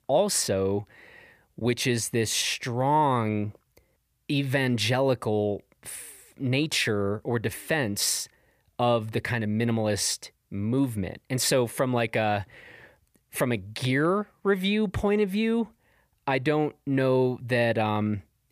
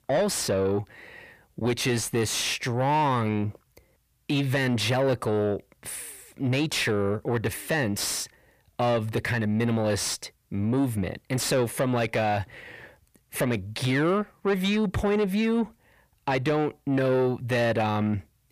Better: first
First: none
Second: distortion; slight; 10 dB below the speech

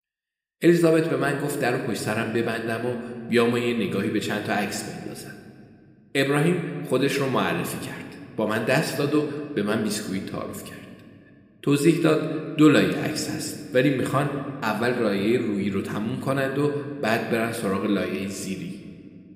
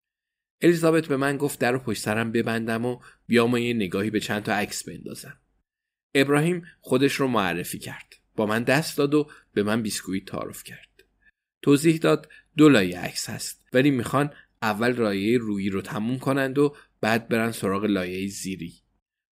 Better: second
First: room echo; slight; dies away in 1.4 s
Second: none

